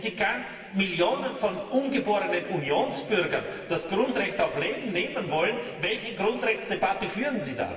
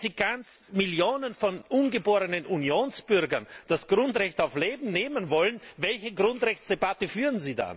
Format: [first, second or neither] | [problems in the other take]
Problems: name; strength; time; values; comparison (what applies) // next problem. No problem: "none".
second | room echo; dies away in 2.9 s